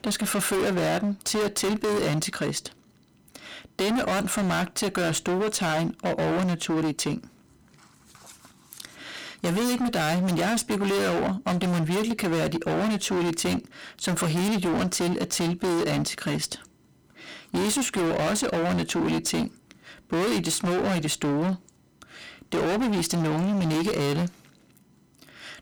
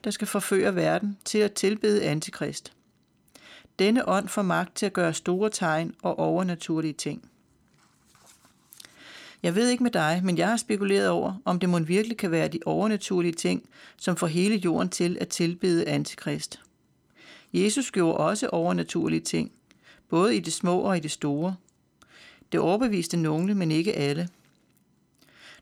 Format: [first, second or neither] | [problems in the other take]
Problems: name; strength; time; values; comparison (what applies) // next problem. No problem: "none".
second | distortion; heavy; 32% of the sound clipped